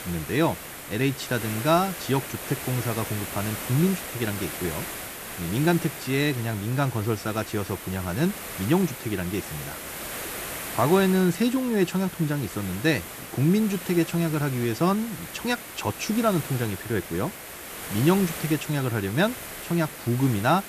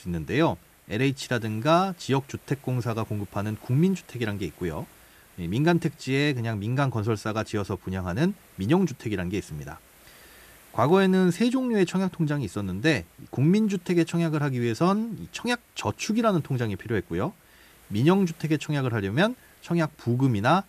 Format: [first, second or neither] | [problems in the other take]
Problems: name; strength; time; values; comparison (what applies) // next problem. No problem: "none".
second | hiss; loud; throughout; 9 dB below the speech; faint in the second